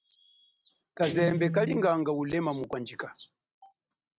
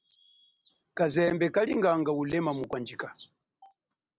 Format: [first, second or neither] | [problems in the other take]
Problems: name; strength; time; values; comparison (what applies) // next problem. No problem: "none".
second | noise reduction (neural mask model RNNoise)